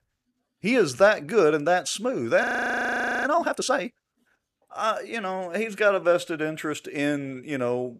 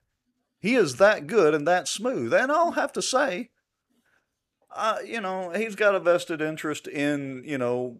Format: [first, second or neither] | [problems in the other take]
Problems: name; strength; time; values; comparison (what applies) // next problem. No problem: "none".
second | audio freezing; at 2.5 s for 1 s